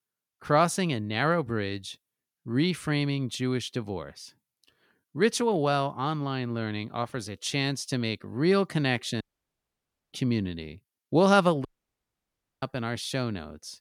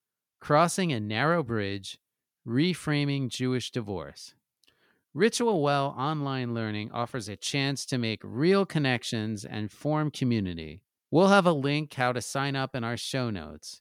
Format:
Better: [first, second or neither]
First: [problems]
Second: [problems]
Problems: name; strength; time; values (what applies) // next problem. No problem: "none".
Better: second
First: audio cutting out; at 9 s for 1 s and at 12 s for 1 s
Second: none